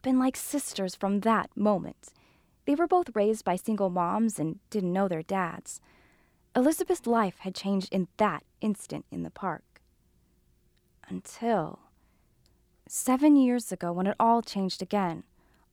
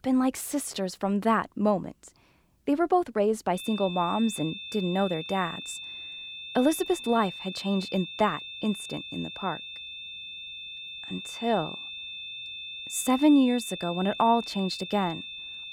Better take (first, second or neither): first